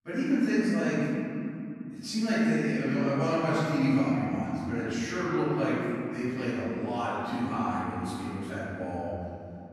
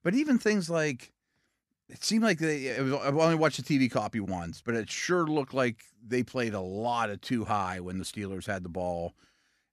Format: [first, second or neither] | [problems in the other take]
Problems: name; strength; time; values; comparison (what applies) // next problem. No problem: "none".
second | off-mic speech; far // room echo; strong; dies away in 3 s